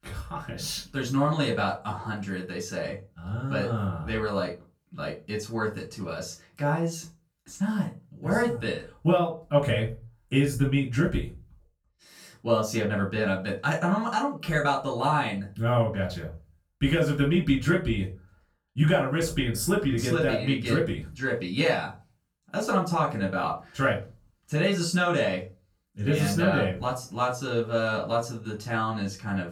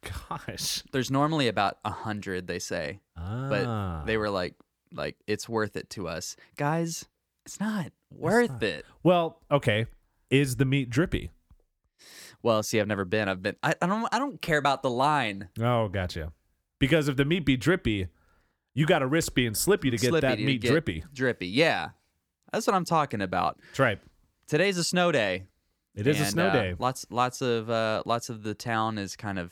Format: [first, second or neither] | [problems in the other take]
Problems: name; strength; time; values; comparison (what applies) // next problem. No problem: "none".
second | off-mic speech; far // room echo; slight; dies away in 0.3 s